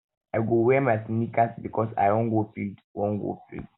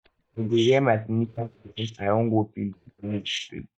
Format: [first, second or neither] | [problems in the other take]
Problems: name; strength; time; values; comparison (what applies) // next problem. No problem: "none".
first | noise reduction (neural mask model DeepFilterNet 3)